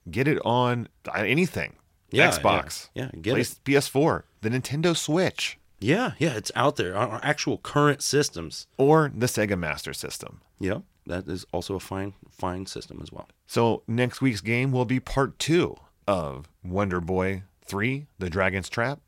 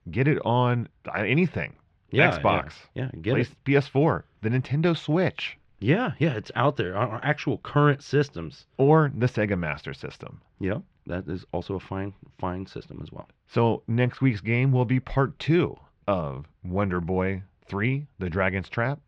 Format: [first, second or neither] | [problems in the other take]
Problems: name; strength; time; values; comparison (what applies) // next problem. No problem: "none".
first | muffled; slightly; fading above 3 kHz